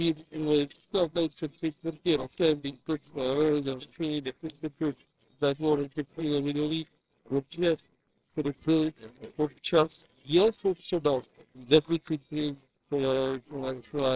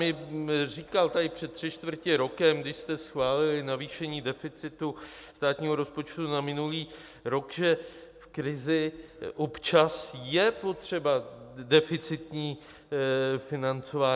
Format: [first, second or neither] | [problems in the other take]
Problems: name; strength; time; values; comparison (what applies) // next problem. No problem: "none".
second | noise reduction (neural separator model SepFormer WHAMR!)